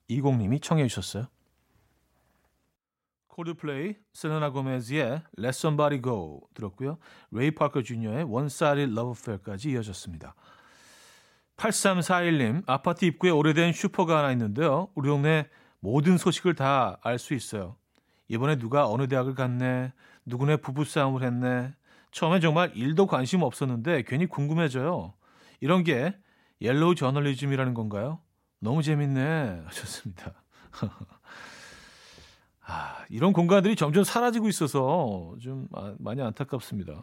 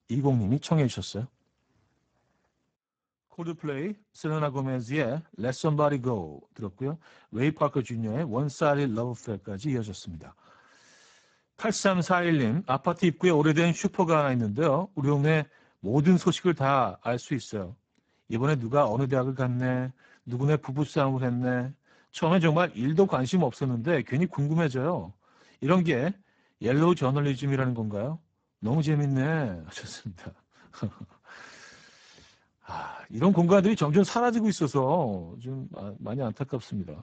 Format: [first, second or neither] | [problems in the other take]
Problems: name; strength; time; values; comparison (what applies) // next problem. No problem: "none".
first | garbled, watery; badly; nothing above 8 kHz